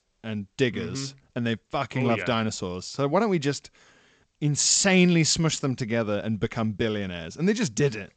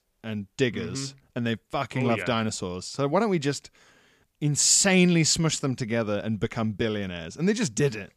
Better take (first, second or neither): second